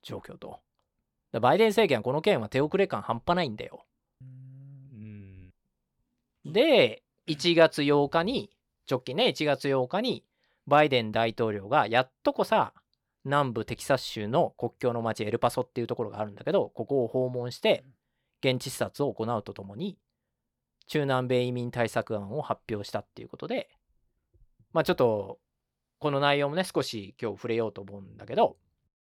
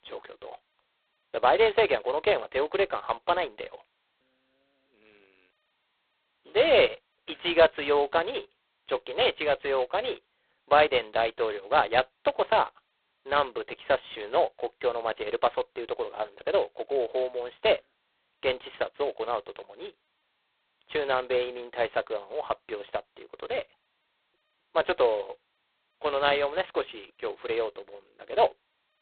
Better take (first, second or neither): first